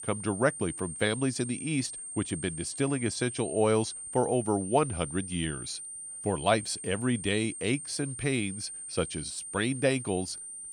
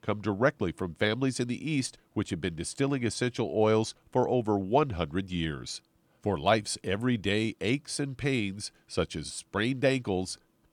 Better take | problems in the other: second | high-pitched whine; loud; throughout; 8.5 kHz, 8 dB below the speech

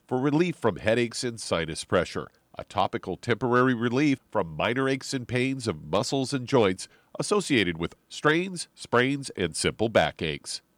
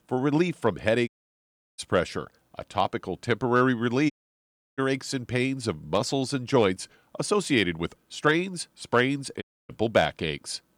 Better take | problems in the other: first | audio cutting out; at 1 s for 0.5 s, at 4 s for 0.5 s and at 9.5 s

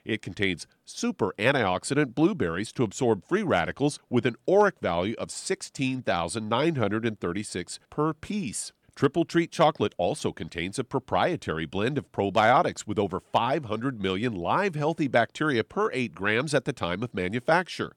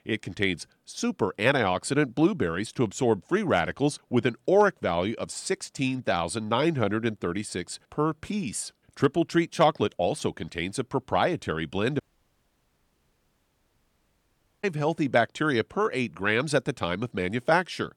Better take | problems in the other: first | audio cutting out; at 12 s for 2.5 s

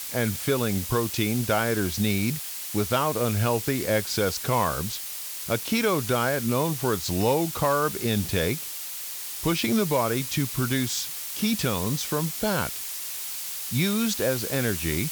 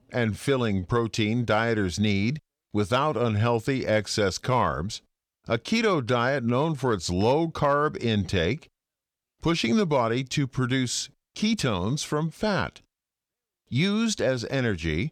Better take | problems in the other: second | hiss; loud; throughout; 5 dB below the speech

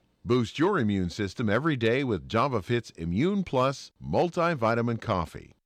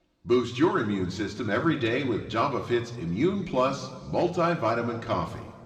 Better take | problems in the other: first | room echo; slight; dies away in 2.3 s // off-mic speech; somewhat distant

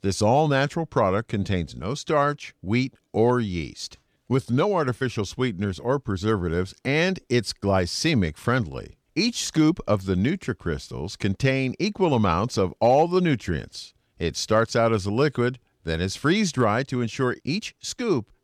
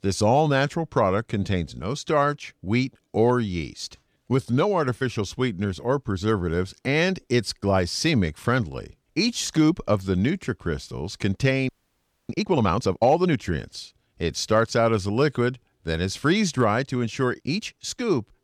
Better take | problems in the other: first | audio freezing; at 12 s for 0.5 s

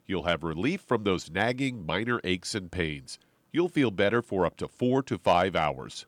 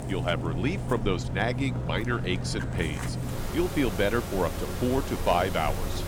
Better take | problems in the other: first | machinery noise; loud; throughout; 4 dB below the speech

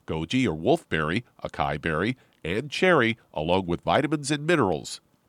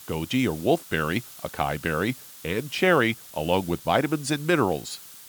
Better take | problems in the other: first | hiss; noticeable; throughout; 15 dB below the speech

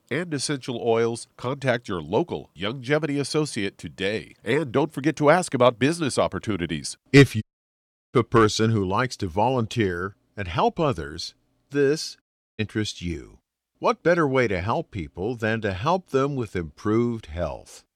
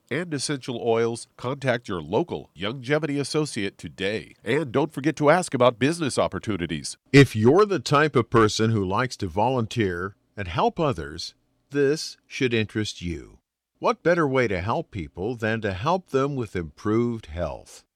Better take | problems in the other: second | audio cutting out; at 7.5 s for 0.5 s and at 12 s

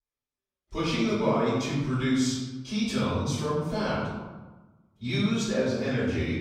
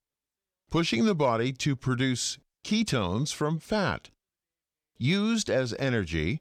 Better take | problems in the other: second | off-mic speech; far // room echo; noticeable; dies away in 1.1 s

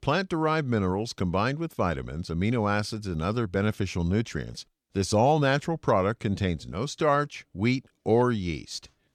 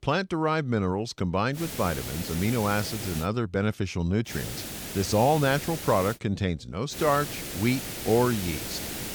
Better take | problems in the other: first | hiss; loud; from 1.5 to 3 s, from 4.5 to 6 s and from 7 s on; 7 dB below the speech

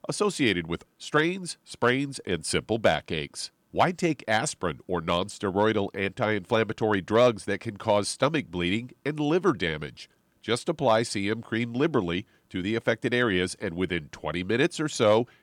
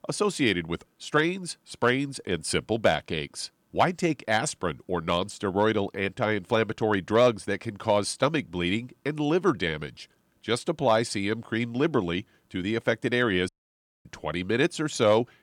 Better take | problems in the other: first | audio cutting out; at 13 s for 0.5 s

